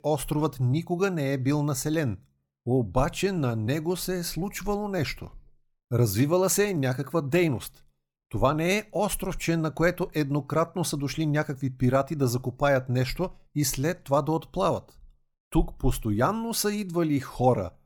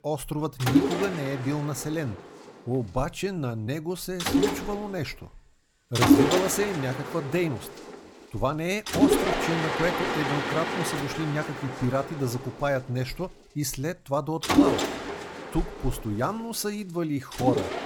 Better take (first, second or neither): first